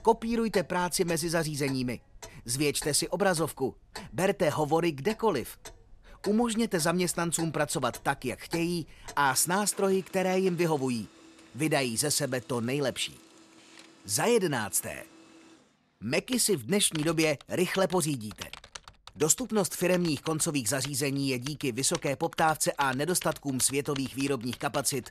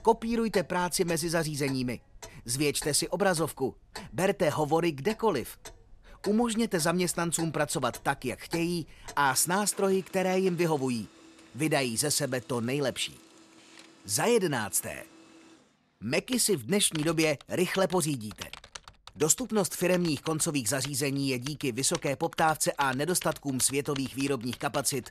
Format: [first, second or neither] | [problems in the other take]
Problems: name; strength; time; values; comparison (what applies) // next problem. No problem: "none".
neither | household noises; noticeable; throughout; 20 dB below the speech; the same in both